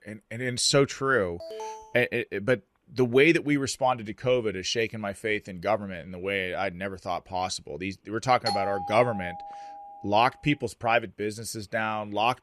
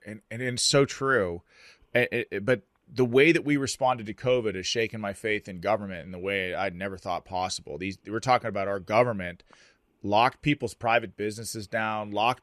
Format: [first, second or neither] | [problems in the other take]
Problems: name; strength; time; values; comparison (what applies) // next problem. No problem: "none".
second | alarm; faint; at 1.5 s; peak 10 dB below the speech // doorbell; noticeable; from 8.5 to 10 s; peak 3 dB below the speech